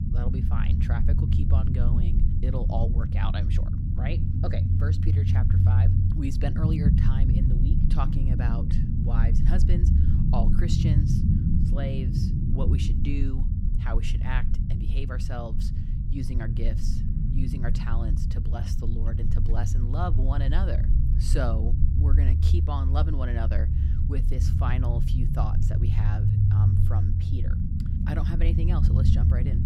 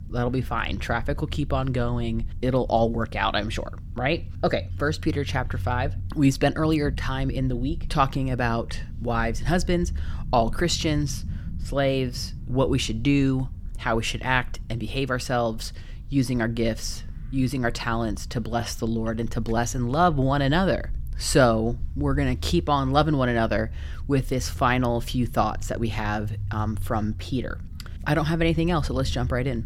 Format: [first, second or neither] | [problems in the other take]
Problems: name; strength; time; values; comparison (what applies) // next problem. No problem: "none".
second | low rumble; loud; throughout; as loud as the speech; faint in the second